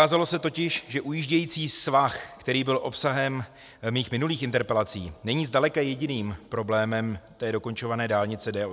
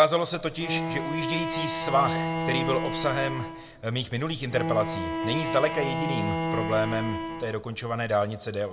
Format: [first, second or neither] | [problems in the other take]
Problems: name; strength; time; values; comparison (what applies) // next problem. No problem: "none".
first | background sound (Bowed string instrument); 3 dB below the speech // room echo; dies away in 1 s